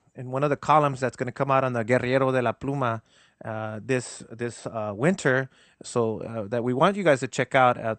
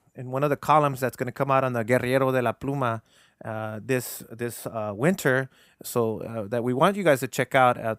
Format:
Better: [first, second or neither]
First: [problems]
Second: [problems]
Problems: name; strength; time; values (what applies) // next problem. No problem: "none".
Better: second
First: garbled, watery; slightly; nothing above 8.5 kHz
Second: none